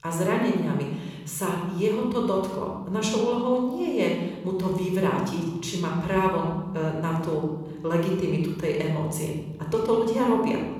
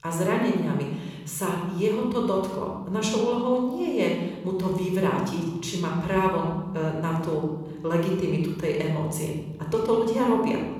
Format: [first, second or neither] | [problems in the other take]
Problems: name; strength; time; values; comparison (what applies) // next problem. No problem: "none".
neither | off-mic speech; somewhat distant; the same in both // room echo; noticeable; dies away in 1.7 s; the same in both